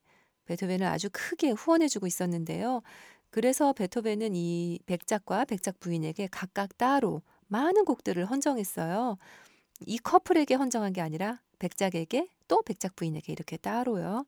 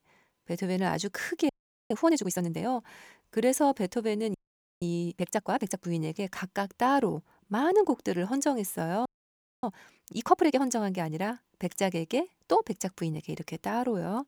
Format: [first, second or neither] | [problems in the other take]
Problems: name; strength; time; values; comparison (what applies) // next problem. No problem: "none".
first | audio freezing; at 1.5 s, at 4.5 s and at 9 s for 0.5 s